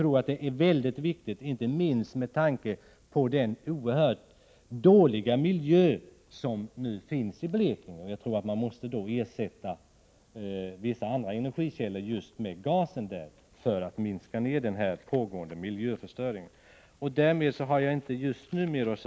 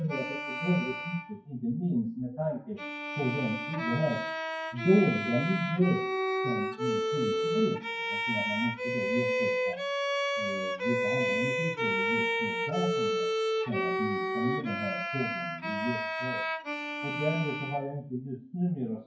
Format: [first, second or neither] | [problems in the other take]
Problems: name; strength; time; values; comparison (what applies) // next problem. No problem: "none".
first | noise reduction (classical method WPE with log-MMSE)